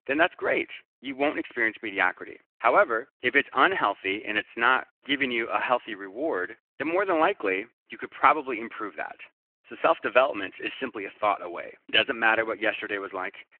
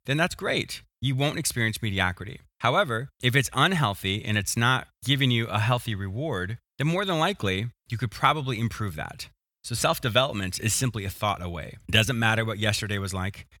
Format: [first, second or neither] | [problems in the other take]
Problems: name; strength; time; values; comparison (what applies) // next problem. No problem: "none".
second | phone-call audio